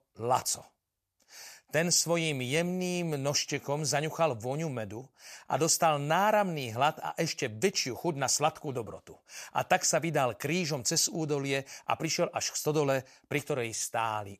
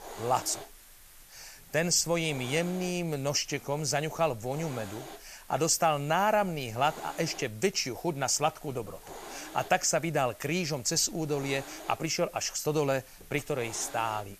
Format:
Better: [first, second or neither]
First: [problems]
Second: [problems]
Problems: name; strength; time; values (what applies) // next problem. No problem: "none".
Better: first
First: none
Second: hiss; noticeable; throughout; 20 dB below the speech